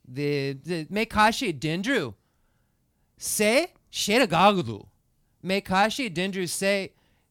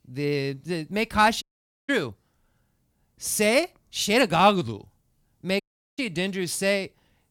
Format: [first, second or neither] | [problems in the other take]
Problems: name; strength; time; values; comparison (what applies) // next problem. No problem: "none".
first | audio cutting out; at 1.5 s and at 5.5 s